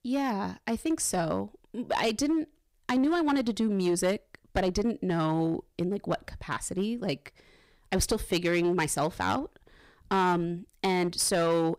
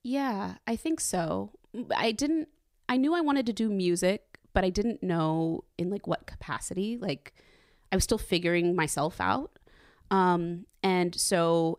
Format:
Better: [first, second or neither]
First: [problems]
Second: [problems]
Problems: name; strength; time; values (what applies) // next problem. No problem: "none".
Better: second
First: distortion; slight; 7% of the sound clipped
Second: none